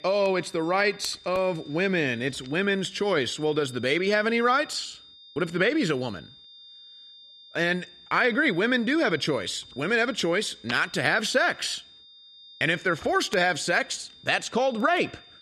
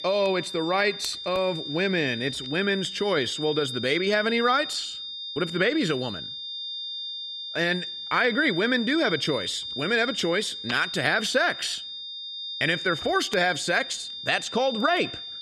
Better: first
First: high-pitched whine; faint; throughout; 3.5 kHz, 20 dB below the speech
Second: high-pitched whine; loud; throughout; 3.5 kHz, 7 dB below the speech

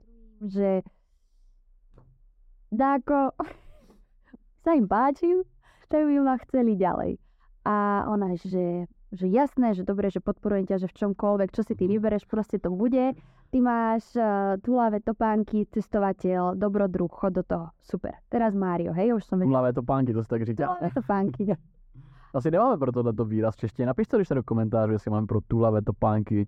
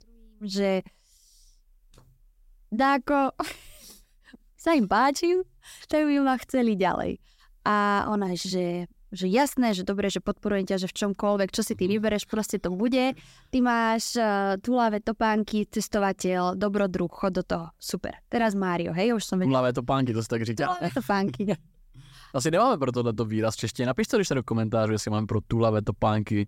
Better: second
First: muffled; very; fading above 2.5 kHz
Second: none

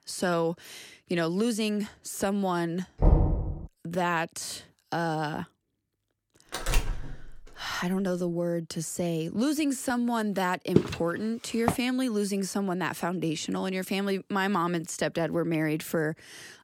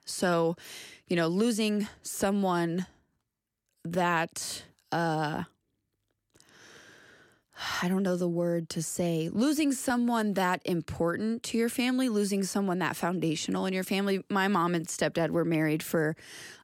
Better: second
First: door banging; loud; at 3 s; peak 5 dB above the speech // door banging; noticeable; at 6.5 s; peak 1 dB below the speech // footsteps; loud; at 11 s; peak 3 dB above the speech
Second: none

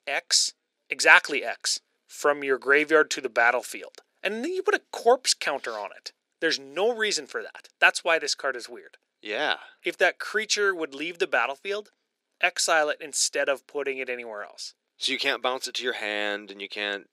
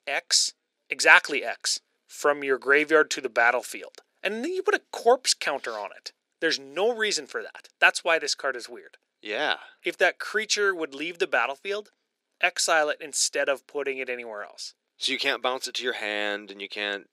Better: neither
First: thin; very; fading below 350 Hz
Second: thin; very; fading below 350 Hz

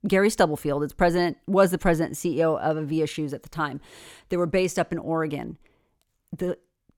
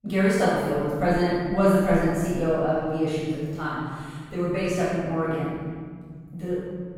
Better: first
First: none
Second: off-mic speech; far // room echo; strong; dies away in 2.3 s

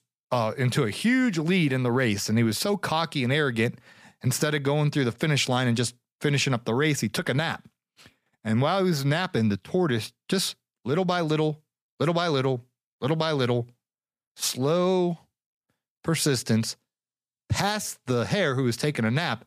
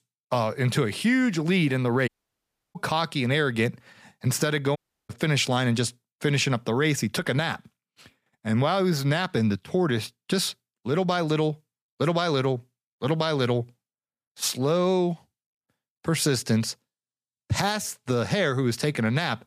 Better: first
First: none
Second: audio cutting out; at 2 s for 0.5 s and at 5 s

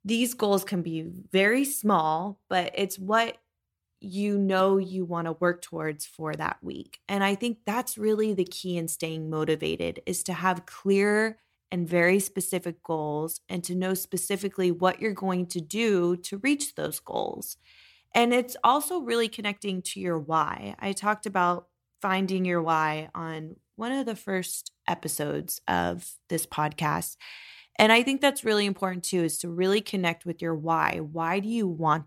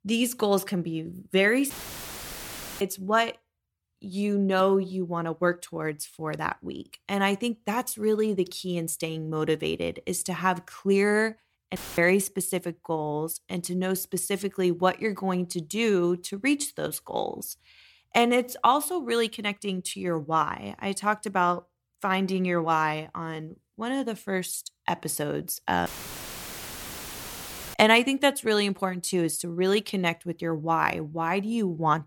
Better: first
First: none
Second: audio cutting out; filled with static; at 1.5 s for 1 s, at 12 s and at 26 s for 2 s

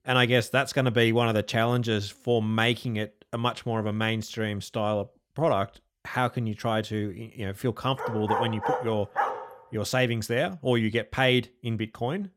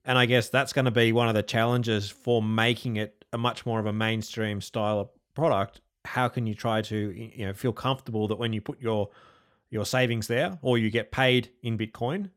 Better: second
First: dog barking; noticeable; from 8 to 9.5 s; peak 1 dB below the speech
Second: none

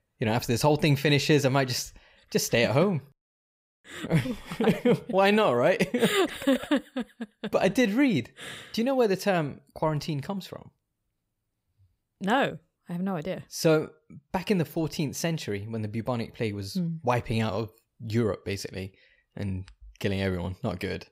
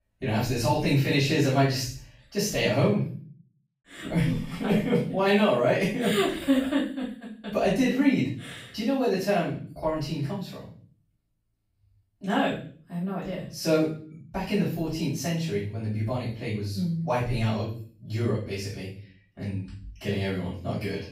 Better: first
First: none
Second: off-mic speech; far // room echo; noticeable; dies away in 0.5 s

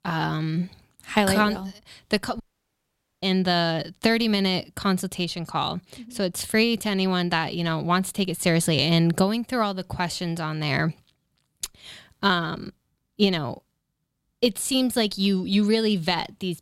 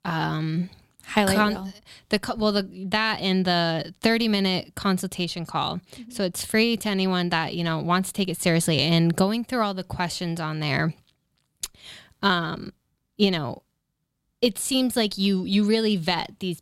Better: second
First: audio cutting out; at 2.5 s for 1 s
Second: none

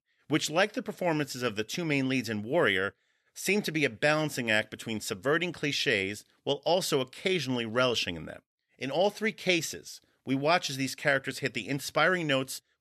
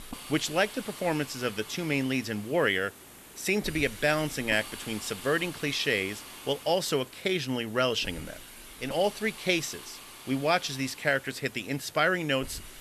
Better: first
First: none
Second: hiss; noticeable; throughout; 15 dB below the speech

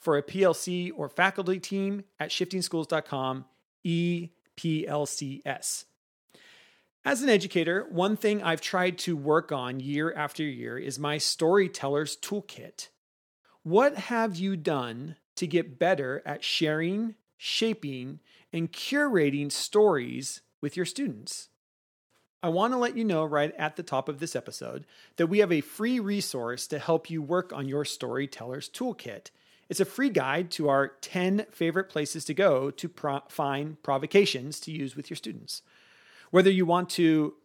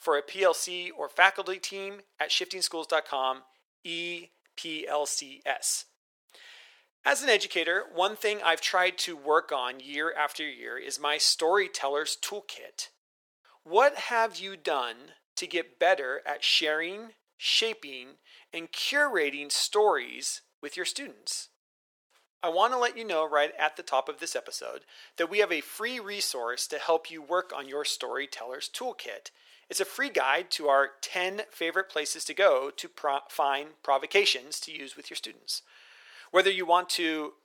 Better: first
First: none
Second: thin; very; fading below 500 Hz

